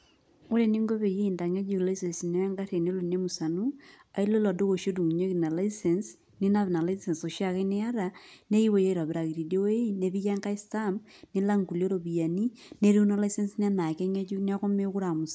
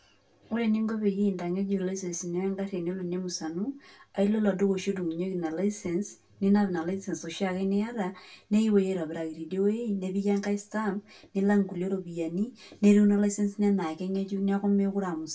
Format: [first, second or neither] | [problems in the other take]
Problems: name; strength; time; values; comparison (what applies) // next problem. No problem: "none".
first | room echo; dies away in 0.1 s